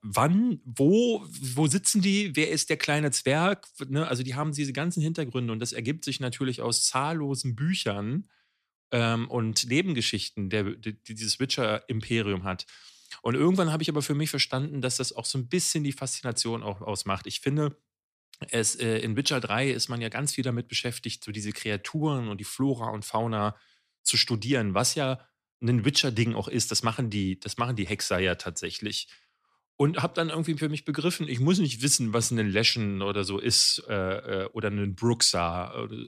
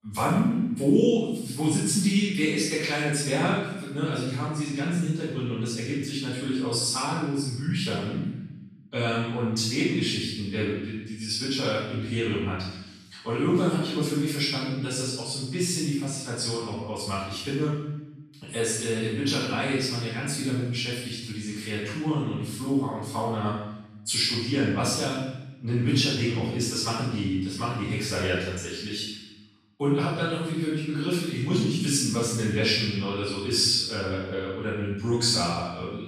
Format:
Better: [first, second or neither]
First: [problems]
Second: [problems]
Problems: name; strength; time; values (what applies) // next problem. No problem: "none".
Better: first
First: none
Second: off-mic speech; far // room echo; strong; dies away in 0.9 s